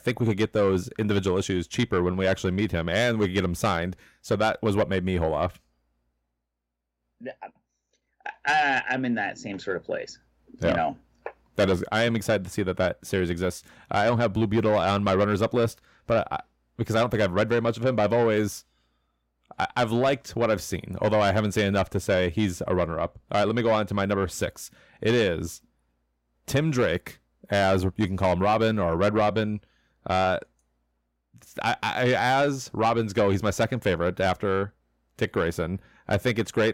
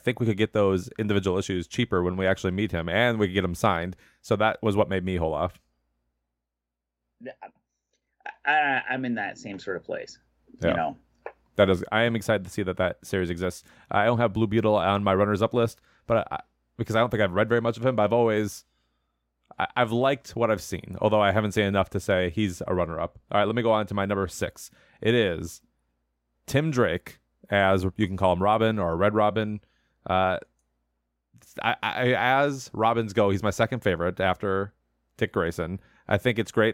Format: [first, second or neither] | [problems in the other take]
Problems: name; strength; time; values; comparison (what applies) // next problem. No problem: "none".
second | distortion; slight; 10 dB below the speech